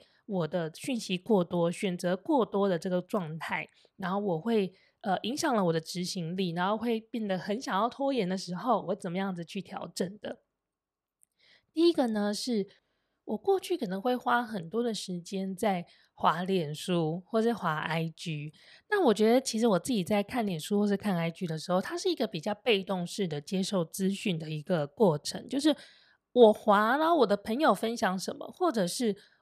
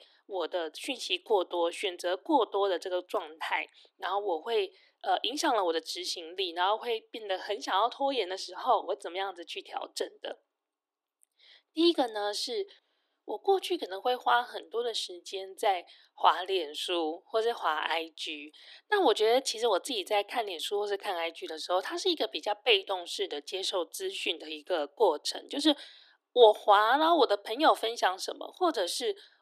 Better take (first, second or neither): first